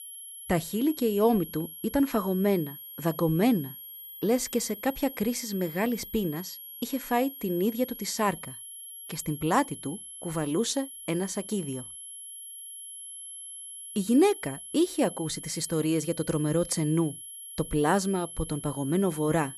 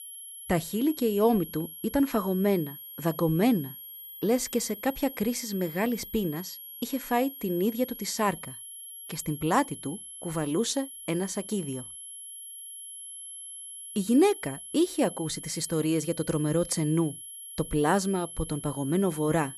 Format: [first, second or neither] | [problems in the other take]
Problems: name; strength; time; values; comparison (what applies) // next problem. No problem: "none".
neither | high-pitched whine; noticeable; throughout; 11 kHz, 10 dB below the speech; the same in both